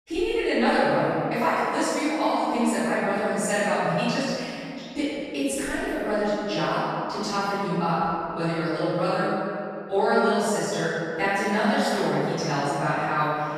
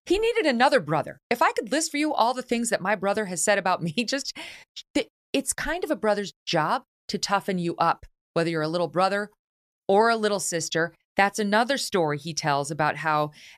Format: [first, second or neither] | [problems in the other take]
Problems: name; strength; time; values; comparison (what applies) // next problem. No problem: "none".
second | off-mic speech; far // room echo; strong; dies away in 2.4 s